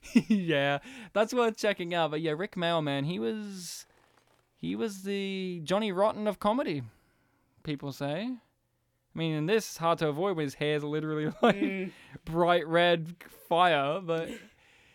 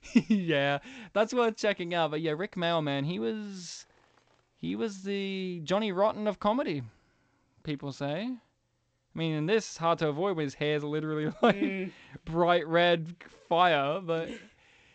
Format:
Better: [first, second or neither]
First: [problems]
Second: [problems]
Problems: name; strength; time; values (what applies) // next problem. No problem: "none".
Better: first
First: none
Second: garbled, watery; slightly; nothing above 7.5 kHz